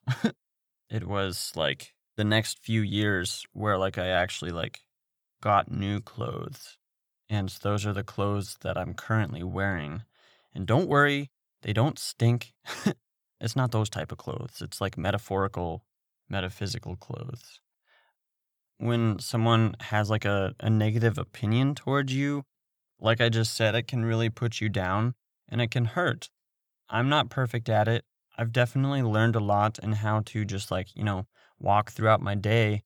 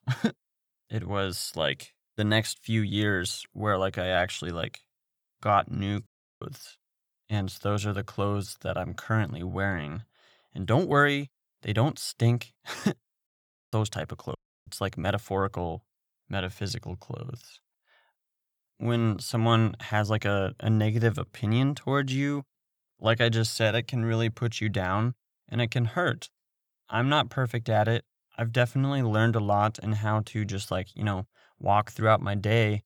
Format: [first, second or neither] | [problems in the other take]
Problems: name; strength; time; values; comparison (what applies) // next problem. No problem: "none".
first | audio cutting out; at 6 s, at 13 s and at 14 s